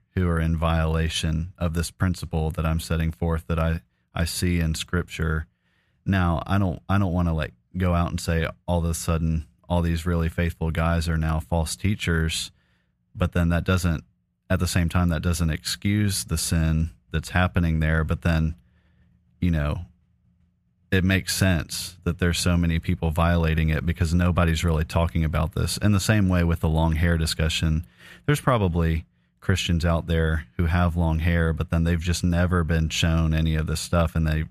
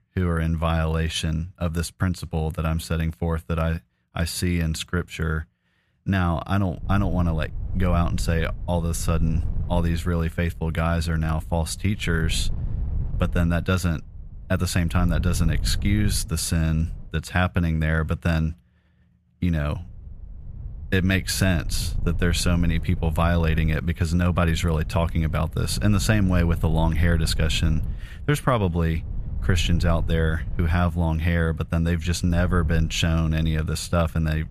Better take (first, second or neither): first